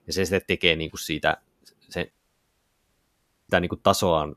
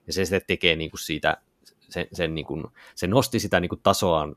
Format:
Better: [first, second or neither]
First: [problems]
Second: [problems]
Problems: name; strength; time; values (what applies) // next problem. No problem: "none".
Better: second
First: audio cutting out; at 2 s for 1.5 s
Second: none